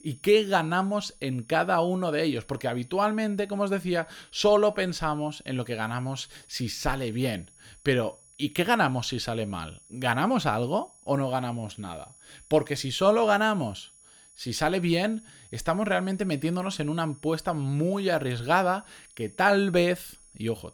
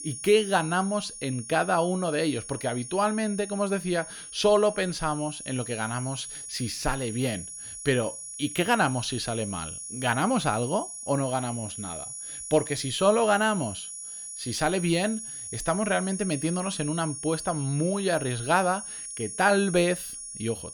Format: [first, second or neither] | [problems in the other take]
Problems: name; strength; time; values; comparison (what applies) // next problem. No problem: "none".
first | high-pitched whine; loud; throughout; 10 kHz, 9 dB below the speech; faint in the first